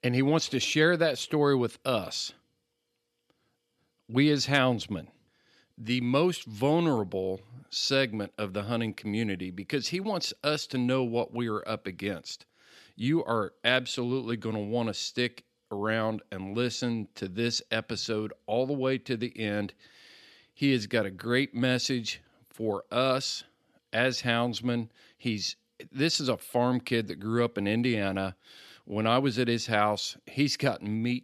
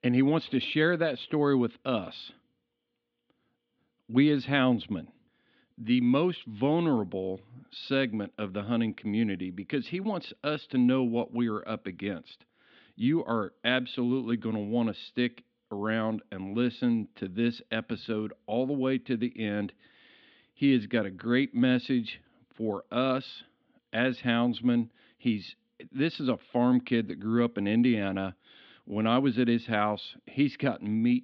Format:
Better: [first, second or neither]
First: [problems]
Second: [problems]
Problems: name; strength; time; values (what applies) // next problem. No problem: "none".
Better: first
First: none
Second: muffled; slightly; fading above 3.5 kHz